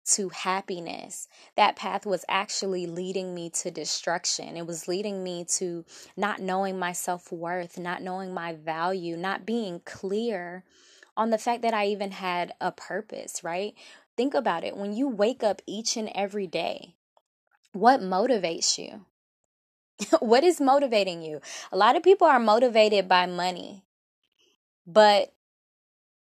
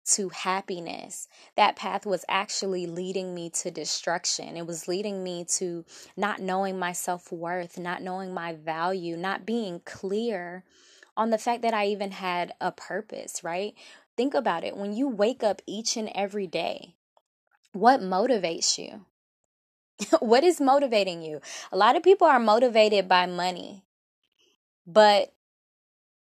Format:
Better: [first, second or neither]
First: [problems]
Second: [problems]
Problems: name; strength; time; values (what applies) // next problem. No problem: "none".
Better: neither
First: none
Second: none